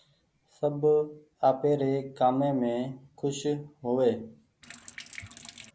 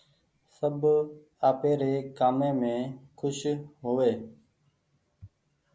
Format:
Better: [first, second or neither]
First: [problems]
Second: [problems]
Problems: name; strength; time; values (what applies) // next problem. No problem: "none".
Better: second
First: background sound (Sink (filling or washing)); 17 dB below the speech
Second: none